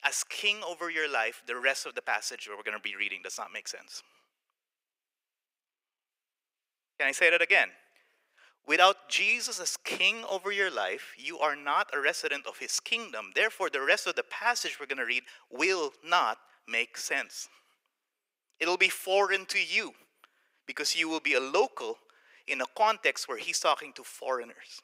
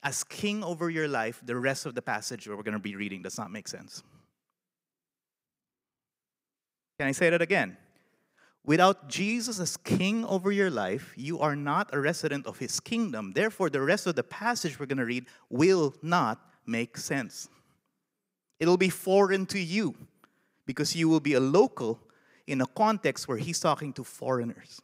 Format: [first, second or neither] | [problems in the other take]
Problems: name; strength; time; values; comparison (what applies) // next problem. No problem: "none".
second | thin; very; fading below 500 Hz